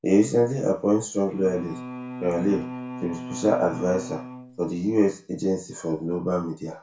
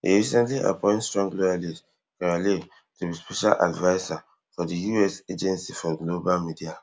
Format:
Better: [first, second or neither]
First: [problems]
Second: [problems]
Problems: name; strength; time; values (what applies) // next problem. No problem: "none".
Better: second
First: background sound (Bowed string instrument); 11 dB below the speech // room echo; dies away in 0.3 s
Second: none